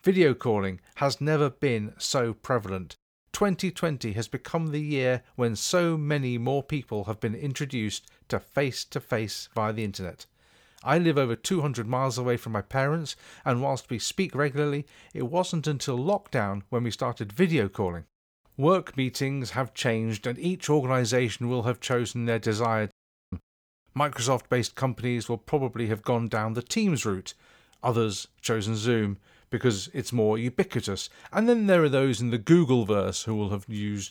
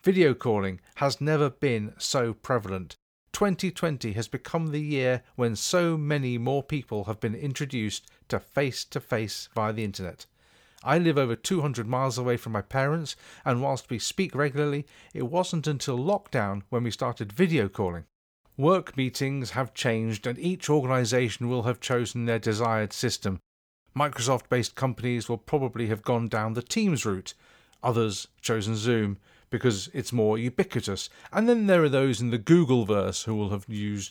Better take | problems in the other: second | audio cutting out; at 23 s

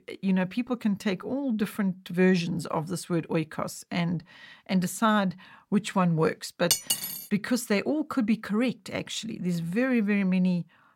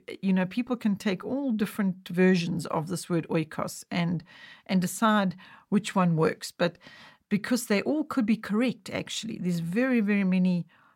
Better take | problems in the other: second | clattering dishes; loud; at 6.5 s; peak 3 dB above the speech

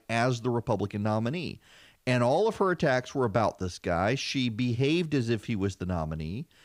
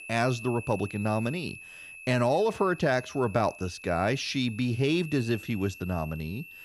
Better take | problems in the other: first | high-pitched whine; noticeable; throughout; 2.5 kHz, 15 dB below the speech

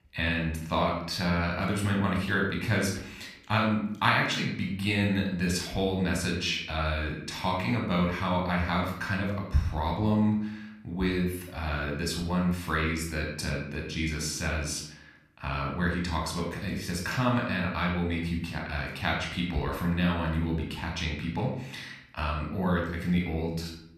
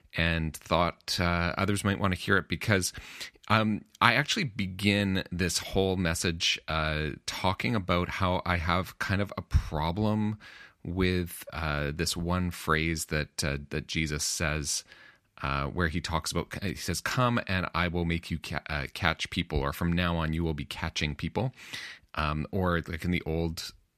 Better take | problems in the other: second | off-mic speech; somewhat distant // room echo; noticeable; dies away in 0.6 s

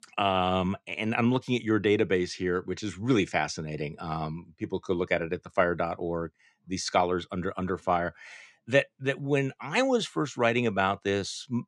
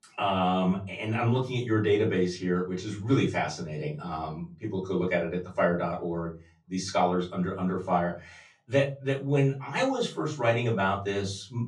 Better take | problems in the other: first | room echo; slight; dies away in 0.3 s // off-mic speech; far

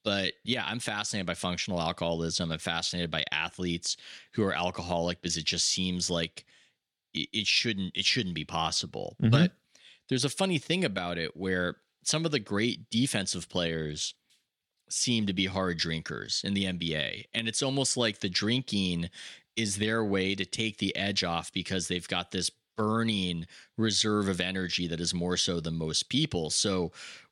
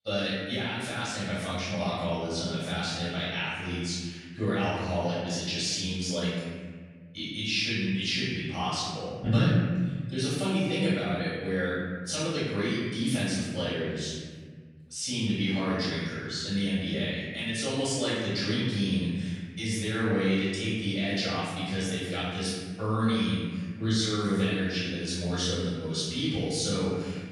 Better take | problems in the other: first | off-mic speech; far // room echo; strong; dies away in 1.7 s

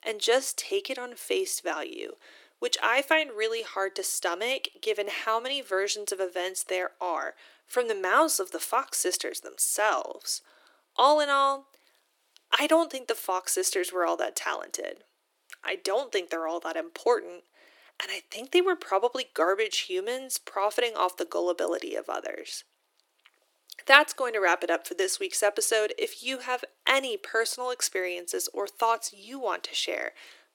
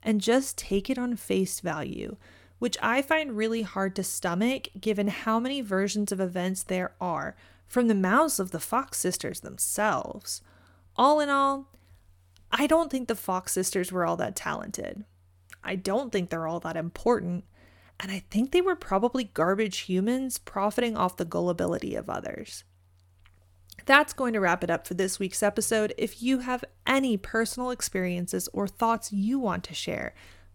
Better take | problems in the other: second | thin; very; fading below 300 Hz

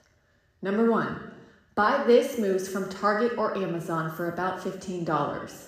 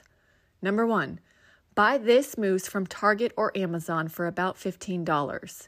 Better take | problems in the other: second | room echo; noticeable; dies away in 0.9 s // off-mic speech; somewhat distant

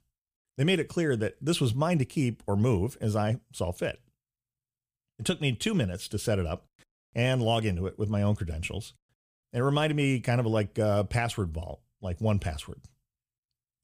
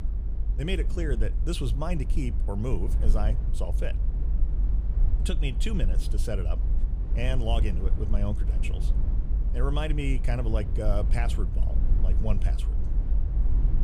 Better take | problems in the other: first | low rumble; noticeable; throughout; 10 dB below the speech

